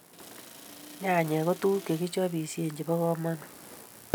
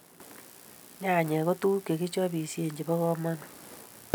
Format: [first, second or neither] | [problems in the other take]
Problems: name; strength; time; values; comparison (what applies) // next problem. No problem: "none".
second | background sound (Accelerating, revving, vroom); 19 dB below the speech